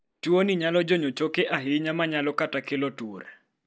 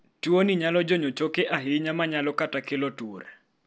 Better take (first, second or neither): second